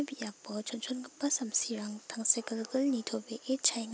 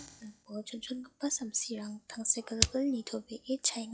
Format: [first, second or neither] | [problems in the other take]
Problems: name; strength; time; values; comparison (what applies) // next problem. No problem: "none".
first | noise reduction (classical method log-MMSE)